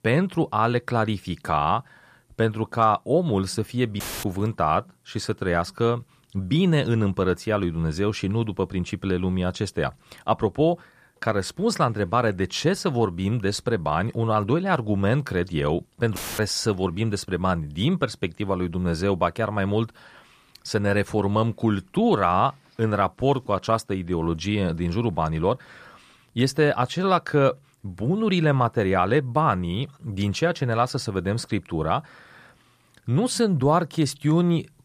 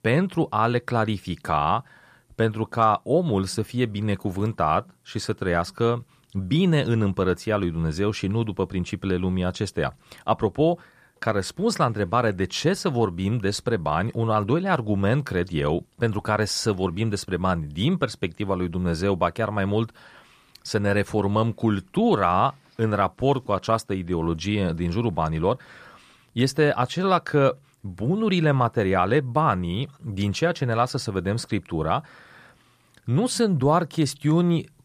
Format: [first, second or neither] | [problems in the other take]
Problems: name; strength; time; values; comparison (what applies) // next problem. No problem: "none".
second | audio cutting out; filled with static; at 4 s and at 16 s